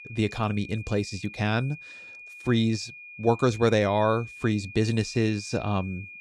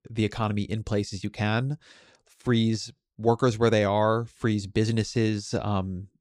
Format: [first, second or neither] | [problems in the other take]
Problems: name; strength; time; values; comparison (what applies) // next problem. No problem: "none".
second | high-pitched whine; noticeable; throughout; 2.5 kHz, 15 dB below the speech